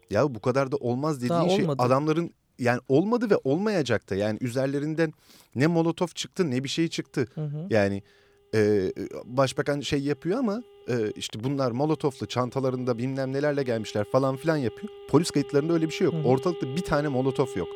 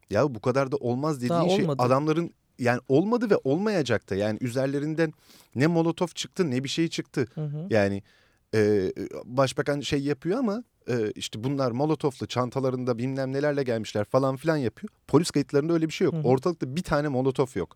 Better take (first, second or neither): second